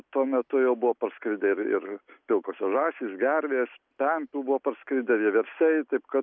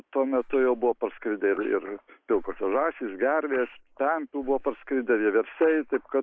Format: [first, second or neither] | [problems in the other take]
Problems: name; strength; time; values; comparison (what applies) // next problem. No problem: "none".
first | noise reduction (neural mask model Resemble Enhance denoiser)